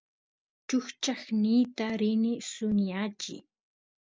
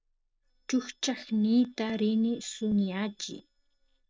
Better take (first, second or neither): first